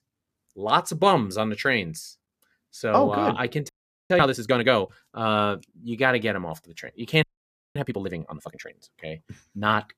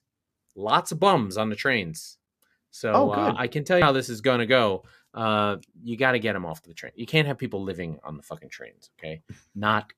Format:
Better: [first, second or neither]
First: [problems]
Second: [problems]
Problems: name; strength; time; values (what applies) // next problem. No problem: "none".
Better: second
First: audio freezing; at 3.5 s and at 7 s for 0.5 s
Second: none